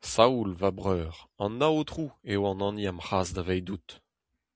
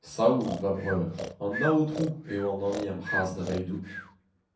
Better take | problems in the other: first | background sound (Breathing); 9 dB below the speech // room echo; dies away in 0.5 s

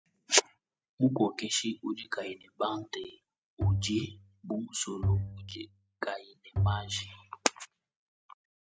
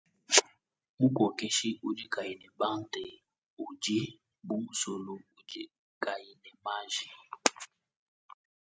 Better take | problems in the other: second | background sound (Bowed string instrument); 1 dB above the speech

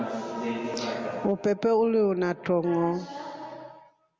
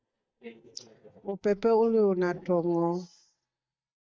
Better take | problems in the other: first | noise reduction (neural mask model DeepFilterNet 3)

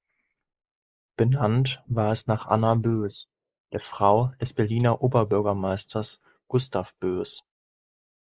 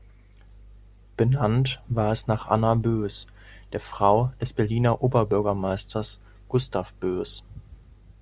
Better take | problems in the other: second | noise reduction (neural mask model Resemble Enhance denoiser)

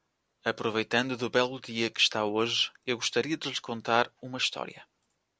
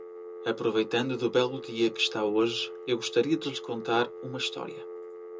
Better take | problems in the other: first | background sound (Telephone); 12 dB below the speech // room echo; dies away in 0.2 s

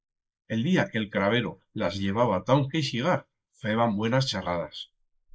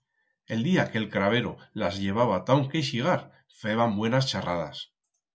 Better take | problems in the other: second | noise reduction (neural mask model Resemble Enhance denoiser)

